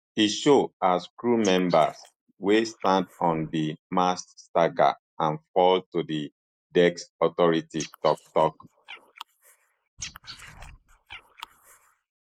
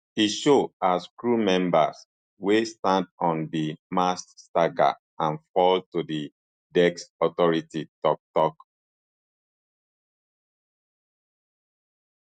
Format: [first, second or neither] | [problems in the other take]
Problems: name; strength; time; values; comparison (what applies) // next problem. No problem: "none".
second | noise reduction (neural mask model Resemble Enhance denoiser)